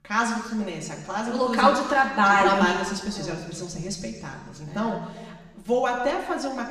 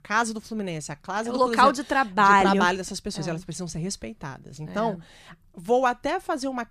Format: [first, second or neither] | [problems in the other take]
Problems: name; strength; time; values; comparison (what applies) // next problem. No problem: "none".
second | room echo; noticeable; dies away in 1.2 s // off-mic speech; somewhat distant